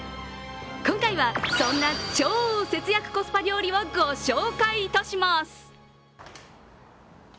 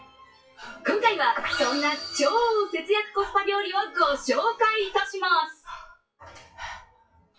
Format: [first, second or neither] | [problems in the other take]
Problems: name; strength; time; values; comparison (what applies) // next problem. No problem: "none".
first | noise reduction (classical method WPE with log-MMSE)